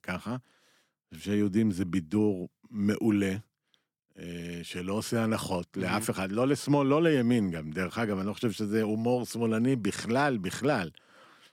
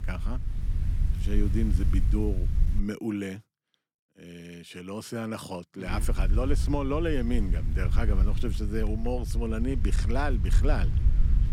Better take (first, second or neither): first